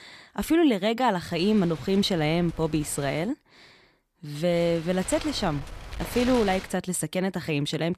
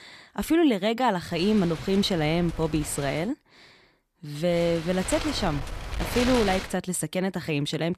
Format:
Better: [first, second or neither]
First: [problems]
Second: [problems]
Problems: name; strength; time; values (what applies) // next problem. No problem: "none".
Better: first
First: wind noise on the microphone; occasional gusts; from 1.5 to 3 s and from 4.5 to 6.5 s; 15 dB below the speech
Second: wind noise on the microphone; heavy; from 1.5 to 3 s and from 4.5 to 6.5 s; 8 dB below the speech